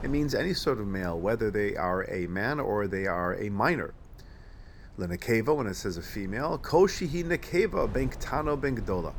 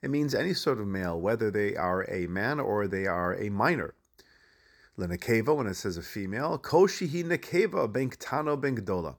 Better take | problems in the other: second | wind noise on the microphone; occasional gusts; 25 dB below the speech

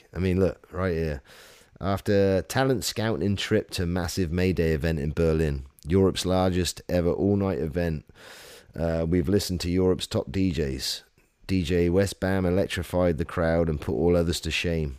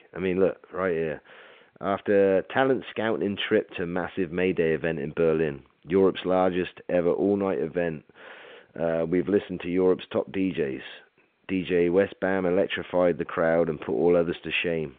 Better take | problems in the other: first | phone-call audio

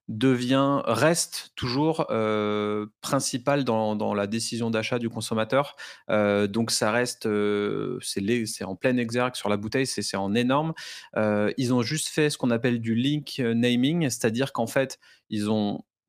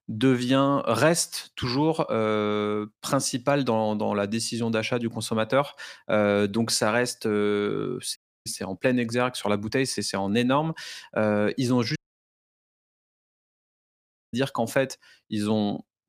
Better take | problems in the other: first | audio cutting out; at 8 s and at 12 s for 2.5 s

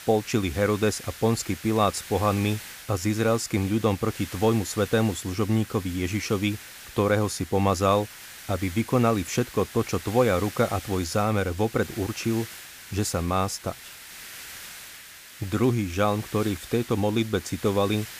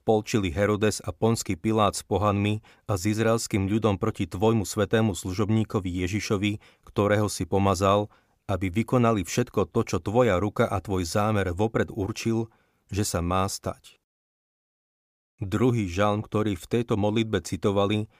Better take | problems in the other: second | hiss; noticeable; throughout; 15 dB below the speech

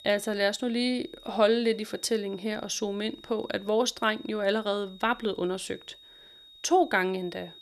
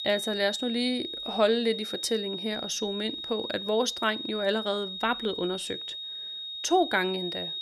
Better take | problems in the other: first | high-pitched whine; loud; throughout; 3.5 kHz, 5 dB below the speech; faint in the first

